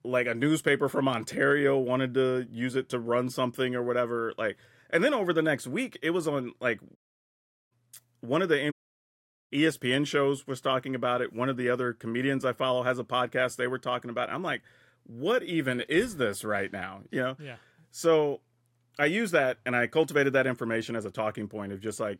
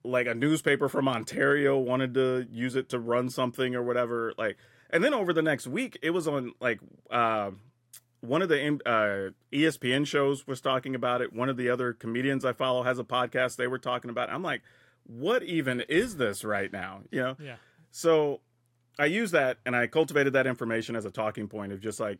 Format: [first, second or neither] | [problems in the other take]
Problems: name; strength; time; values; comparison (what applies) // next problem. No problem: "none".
second | audio cutting out; at 7 s for 1 s and at 8.5 s for 1 s